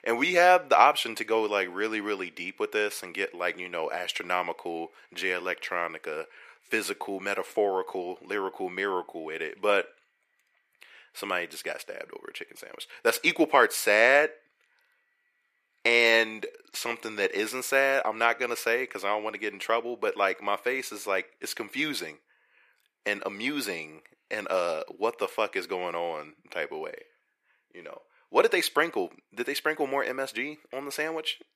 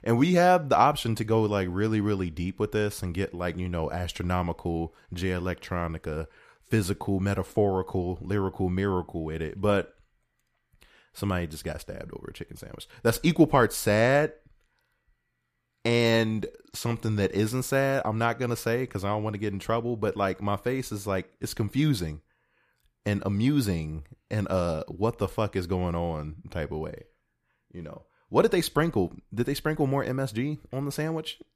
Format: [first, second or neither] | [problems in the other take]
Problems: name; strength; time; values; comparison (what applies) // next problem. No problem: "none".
second | thin; very; fading below 400 Hz